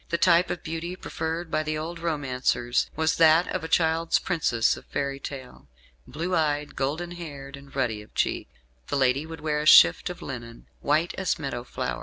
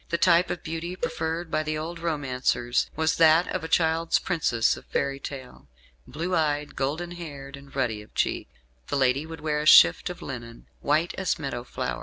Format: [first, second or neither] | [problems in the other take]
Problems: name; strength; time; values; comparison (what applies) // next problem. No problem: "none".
first | background sound (Cowbell); 10 dB below the speech